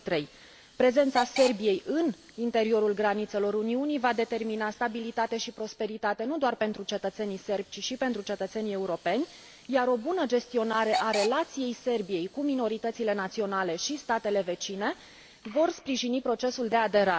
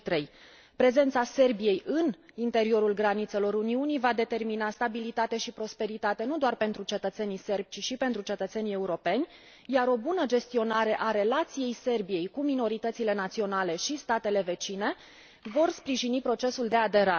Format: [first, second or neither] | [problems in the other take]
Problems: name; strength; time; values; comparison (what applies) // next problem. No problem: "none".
second | background sound (Hiss / Alarm / Train); 15 dB below the speech